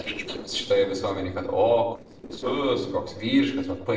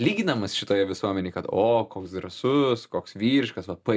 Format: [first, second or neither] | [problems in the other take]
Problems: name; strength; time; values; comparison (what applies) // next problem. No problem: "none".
second | noise reduction (neural separator model SepFormer DNS4)